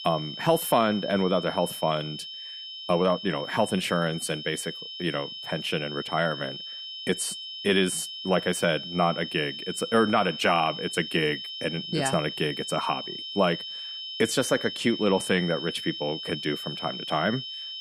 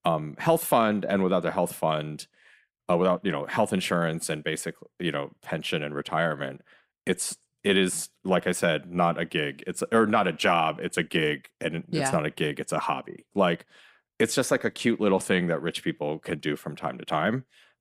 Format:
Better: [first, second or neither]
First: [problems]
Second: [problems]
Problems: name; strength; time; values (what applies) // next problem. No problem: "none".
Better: second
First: high-pitched whine; loud; throughout; 3 kHz, 8 dB below the speech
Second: none